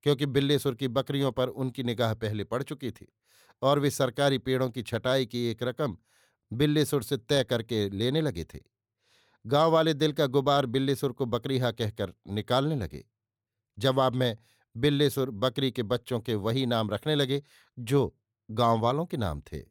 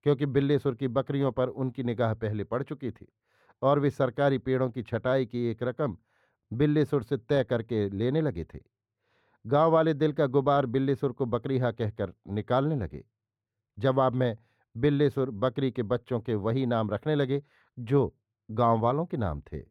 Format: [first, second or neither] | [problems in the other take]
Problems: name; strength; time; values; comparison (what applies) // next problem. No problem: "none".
first | muffled; very; fading above 3.5 kHz